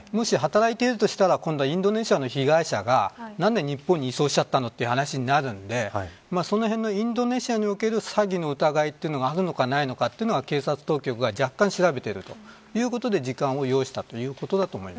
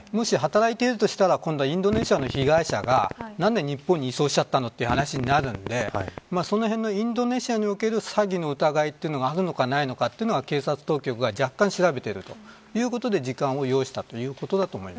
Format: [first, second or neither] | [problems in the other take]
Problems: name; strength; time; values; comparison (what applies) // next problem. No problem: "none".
first | background sound (Fart); 9 dB below the speech